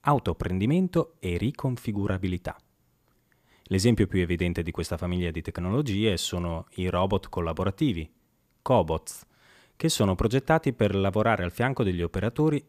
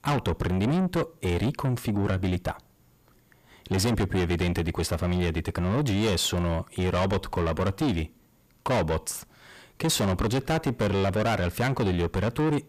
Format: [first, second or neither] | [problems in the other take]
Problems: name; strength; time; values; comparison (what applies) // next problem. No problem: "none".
first | distortion; heavy; 6 dB below the speech